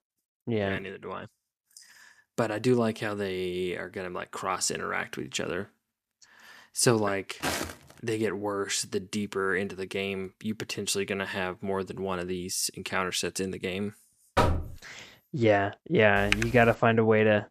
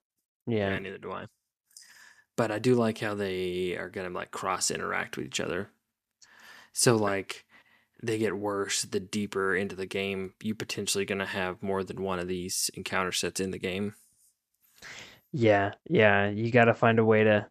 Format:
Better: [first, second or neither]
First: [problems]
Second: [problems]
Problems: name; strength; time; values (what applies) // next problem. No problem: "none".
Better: second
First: footsteps; noticeable; at 7.5 s; peak 3 dB below the speech // door banging; loud; at 14 s; peak 2 dB above the speech // keyboard typing; noticeable; at 16 s; peak 1 dB below the speech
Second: none